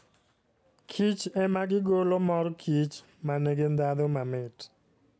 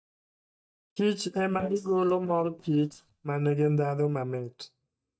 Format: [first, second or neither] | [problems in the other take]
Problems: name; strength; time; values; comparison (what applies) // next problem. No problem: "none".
first | noise reduction (neural mask model DeepFilterNet 3)